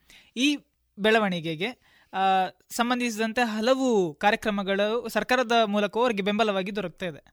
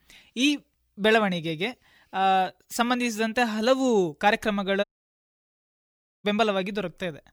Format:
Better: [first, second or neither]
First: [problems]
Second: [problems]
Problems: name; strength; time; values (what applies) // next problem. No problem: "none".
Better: first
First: none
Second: audio cutting out; at 5 s for 1.5 s